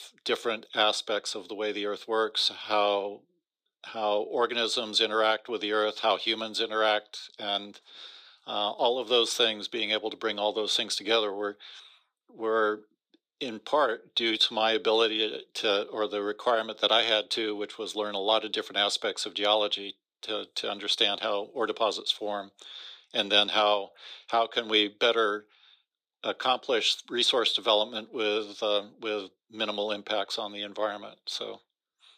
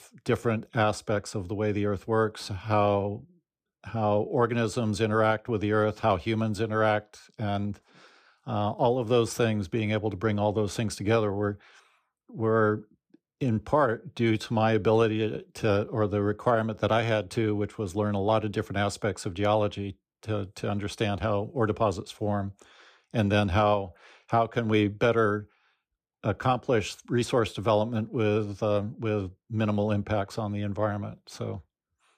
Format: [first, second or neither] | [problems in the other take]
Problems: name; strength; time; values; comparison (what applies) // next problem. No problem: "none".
second | thin; very; fading below 350 Hz